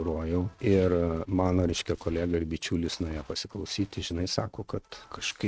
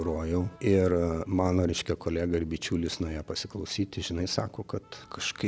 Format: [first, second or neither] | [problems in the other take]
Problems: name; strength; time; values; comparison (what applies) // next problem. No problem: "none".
second | noise reduction (neural mask model RNNoise)